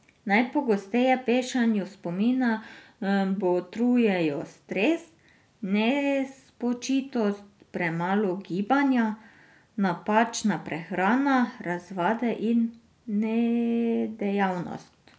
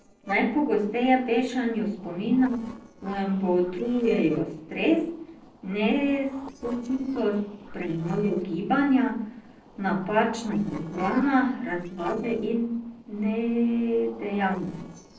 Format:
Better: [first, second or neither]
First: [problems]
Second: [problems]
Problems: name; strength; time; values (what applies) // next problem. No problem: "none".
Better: first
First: none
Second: noise reduction (neural separator model SepFormer DNS4)